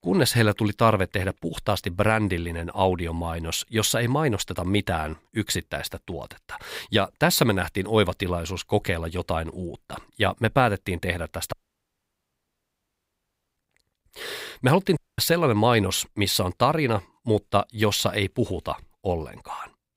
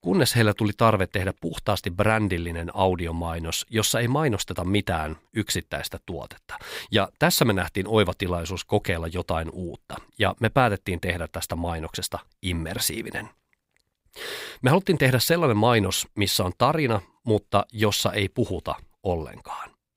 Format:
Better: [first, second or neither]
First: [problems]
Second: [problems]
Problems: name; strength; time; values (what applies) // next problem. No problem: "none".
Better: second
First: audio cutting out; at 12 s for 2 s and at 15 s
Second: none